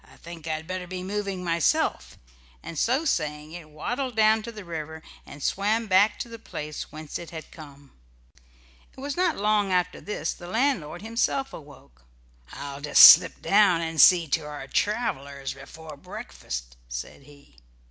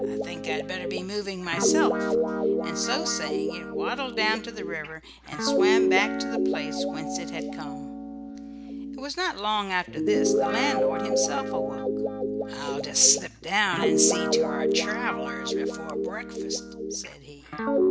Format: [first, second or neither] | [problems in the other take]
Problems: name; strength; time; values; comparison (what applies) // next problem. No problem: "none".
first | background sound (Guitar); 3 dB above the speech